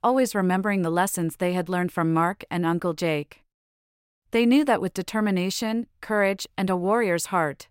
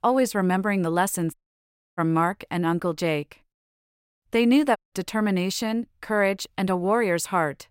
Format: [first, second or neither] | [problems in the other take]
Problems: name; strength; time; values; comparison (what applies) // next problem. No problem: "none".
first | audio cutting out; at 1.5 s for 0.5 s and at 5 s